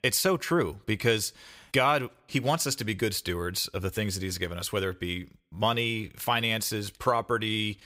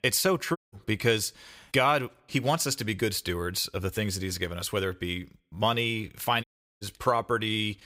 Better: first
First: none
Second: audio cutting out; at 0.5 s and at 6.5 s

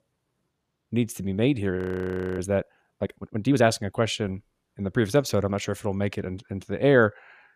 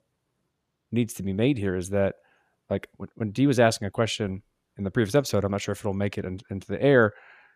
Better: second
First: audio freezing; at 2 s for 0.5 s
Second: none

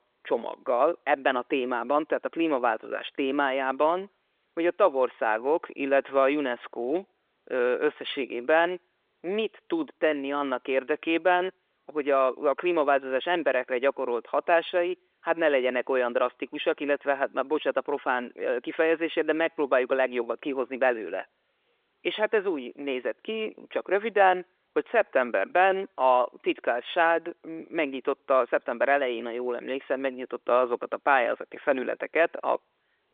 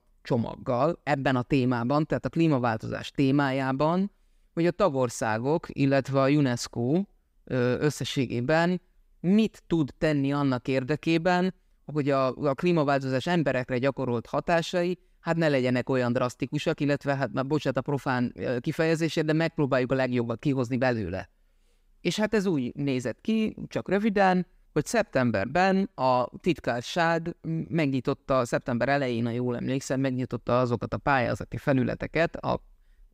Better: second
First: phone-call audio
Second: none

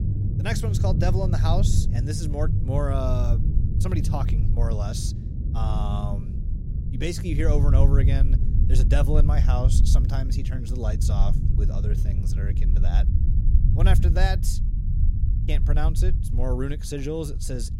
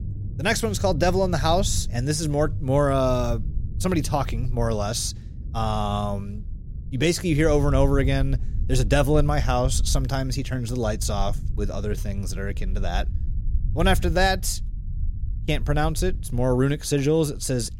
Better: second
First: low rumble; loud; throughout; 6 dB below the speech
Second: low rumble; faint; throughout; 20 dB below the speech

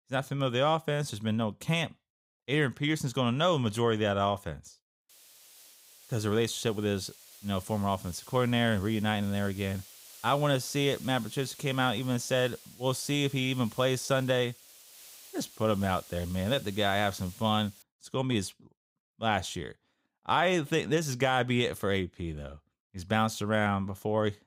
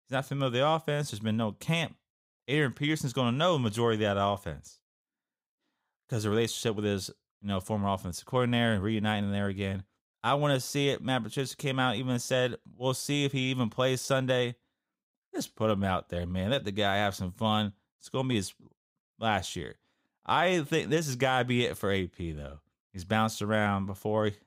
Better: second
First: hiss; noticeable; from 5 to 18 s; 20 dB below the speech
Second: none

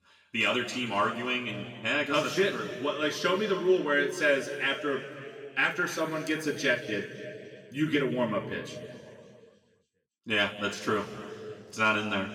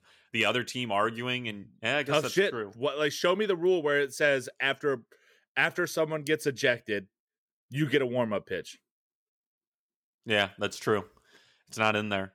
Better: second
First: room echo; noticeable; dies away in 2.3 s // off-mic speech; somewhat distant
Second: none

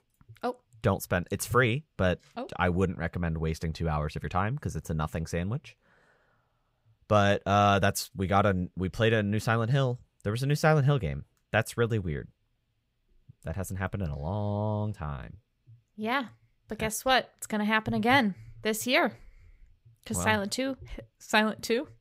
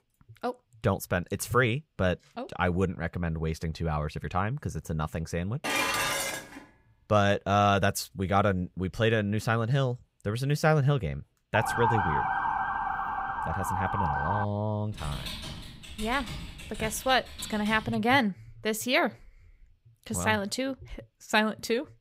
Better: first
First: none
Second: clattering dishes; loud; at 5.5 s; peak 3 dB above the speech // siren; loud; from 12 to 14 s; peak 2 dB above the speech // keyboard typing; noticeable; from 15 to 18 s; peak 8 dB below the speech

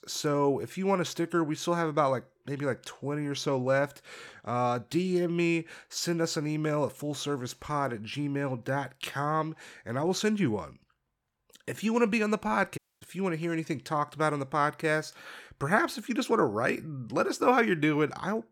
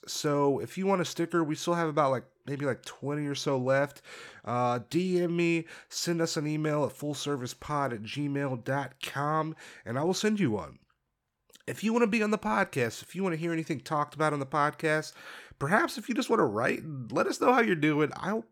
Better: second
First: audio cutting out; at 13 s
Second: none

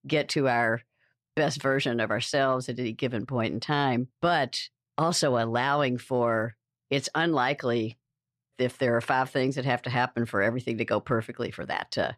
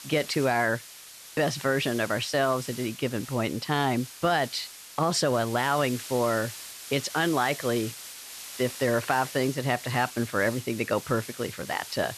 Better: first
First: none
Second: hiss; noticeable; throughout; 10 dB below the speech

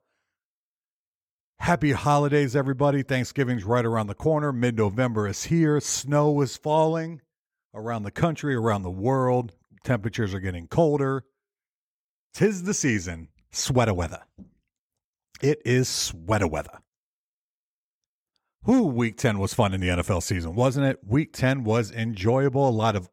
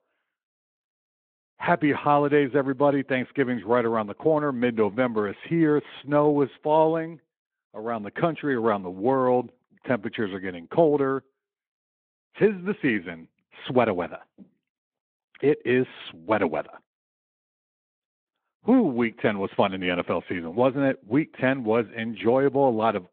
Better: first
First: none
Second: phone-call audio

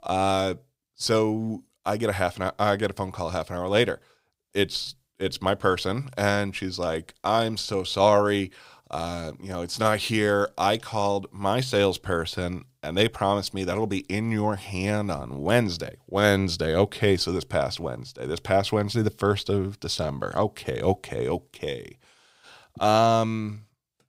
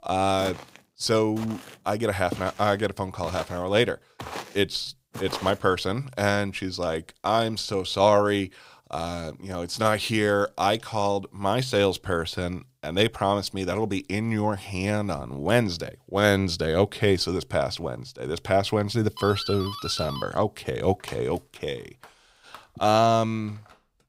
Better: first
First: none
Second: footsteps; noticeable; until 5.5 s; peak 9 dB below the speech // doorbell; noticeable; from 19 s on; peak 8 dB below the speech

